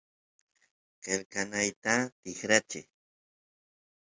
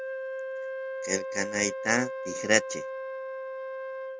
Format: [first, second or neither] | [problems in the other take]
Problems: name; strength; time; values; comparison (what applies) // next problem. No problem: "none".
first | background sound (Wind instrument, woodwind instrument); 3 dB below the speech